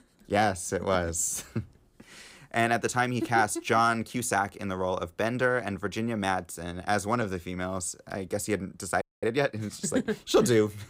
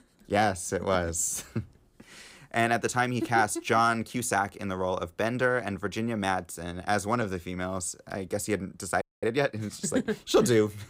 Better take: neither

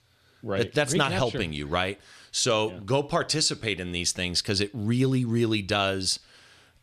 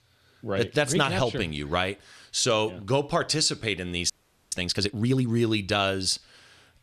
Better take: first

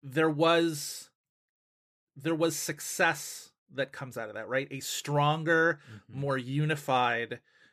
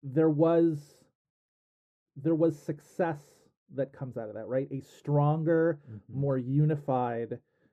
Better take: first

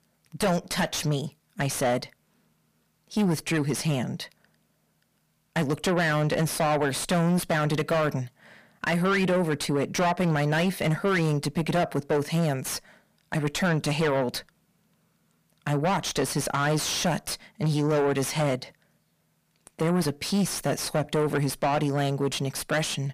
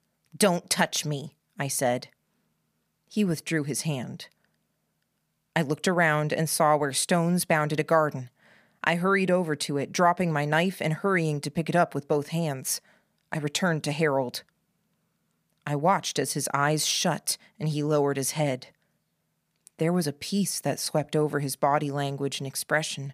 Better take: second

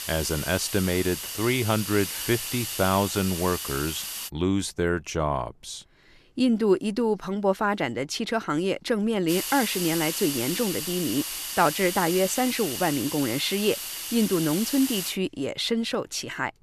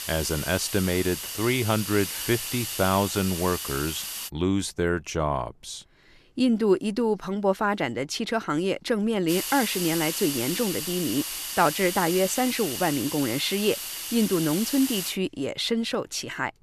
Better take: neither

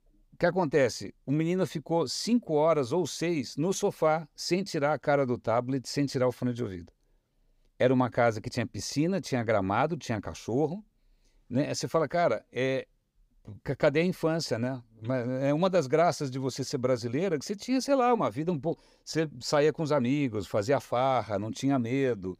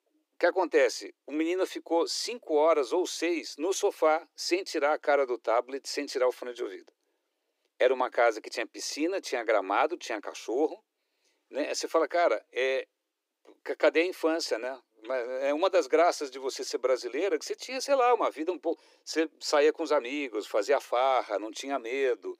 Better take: first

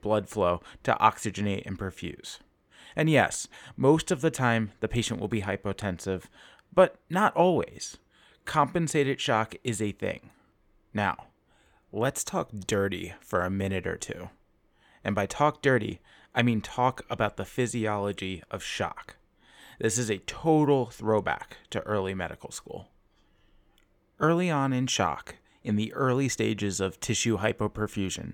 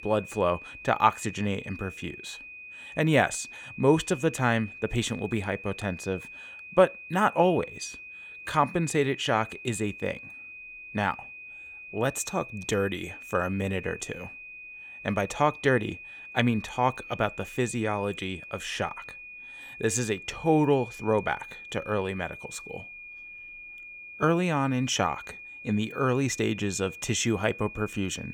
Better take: first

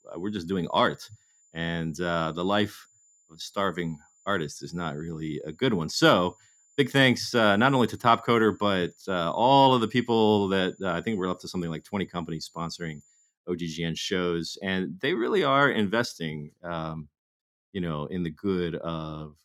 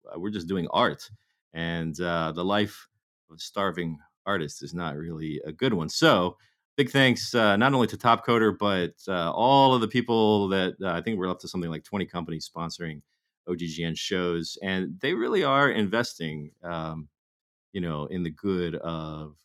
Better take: second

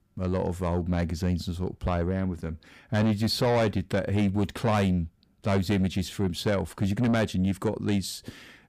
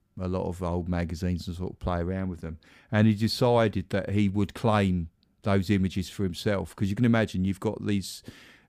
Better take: second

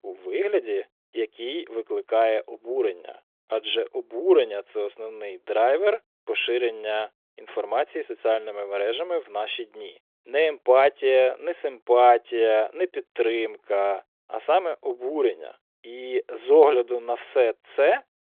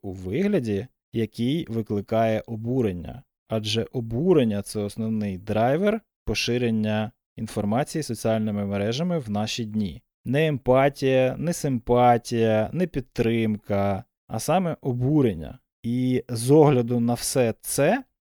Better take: second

